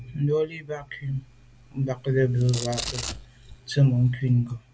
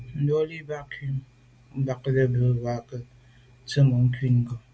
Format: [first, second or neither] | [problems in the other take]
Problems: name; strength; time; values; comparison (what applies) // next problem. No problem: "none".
second | background sound (Domestic sounds, home sounds); 13 dB below the speech